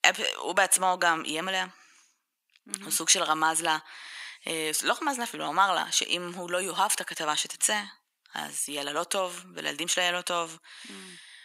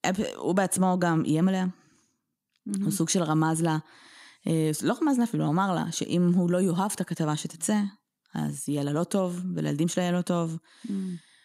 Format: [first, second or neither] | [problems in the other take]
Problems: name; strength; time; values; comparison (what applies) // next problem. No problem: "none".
second | thin; very; fading below 850 Hz